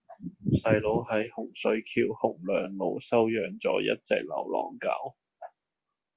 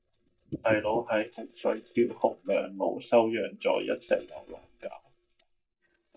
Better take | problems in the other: first | noise reduction (neural mask model DeepFilterNet 3)

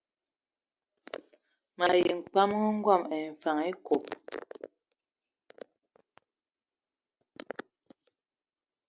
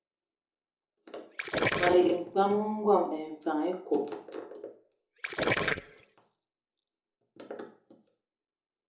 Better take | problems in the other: first | background sound (Gurgling); 5 dB below the speech // room echo; dies away in 0.6 s

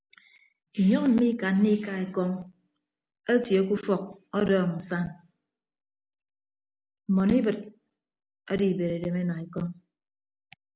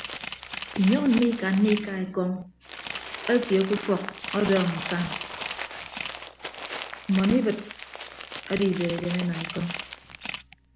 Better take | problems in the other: first | background sound (Camera + Crumpling, crinkling); 10 dB below the speech

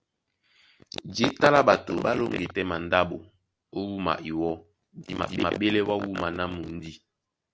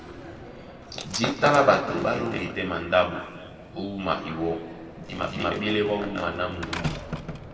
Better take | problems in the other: first | background sound (Slam); 12 dB below the speech // room echo; dies away in 2.1 s

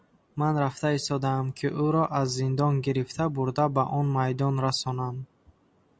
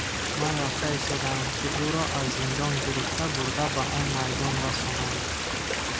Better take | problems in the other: first | background sound (Stream); 2 dB above the speech

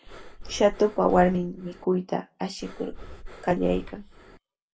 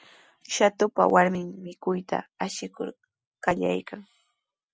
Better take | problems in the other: second | background sound (Breathing); 13 dB below the speech // room echo; dies away in 0.2 s

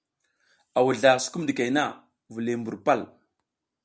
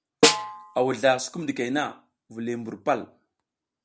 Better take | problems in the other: first | background sound (Snare drum); 3 dB above the speech

